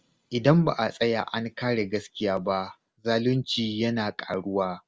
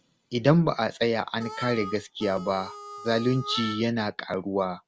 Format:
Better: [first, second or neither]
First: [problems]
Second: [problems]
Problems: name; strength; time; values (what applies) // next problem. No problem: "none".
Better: first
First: none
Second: background sound (Harmonica); 12 dB below the speech